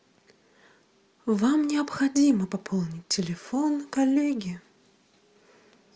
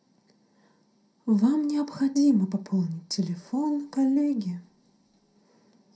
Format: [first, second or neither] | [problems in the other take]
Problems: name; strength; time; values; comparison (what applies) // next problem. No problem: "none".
first | room echo; dies away in 0.2 s